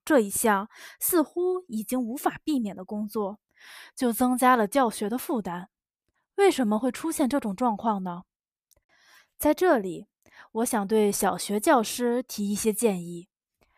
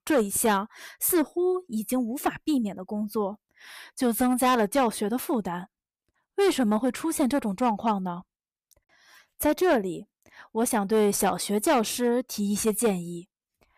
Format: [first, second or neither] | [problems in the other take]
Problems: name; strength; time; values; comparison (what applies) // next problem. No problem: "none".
first | distortion; slight; 5% of the sound clipped